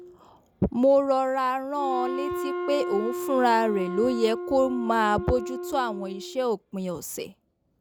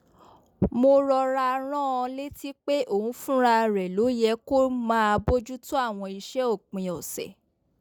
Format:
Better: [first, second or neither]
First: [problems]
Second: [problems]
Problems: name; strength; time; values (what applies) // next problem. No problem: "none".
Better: second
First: background sound (Wind instrument, woodwind instrument); 8 dB below the speech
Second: none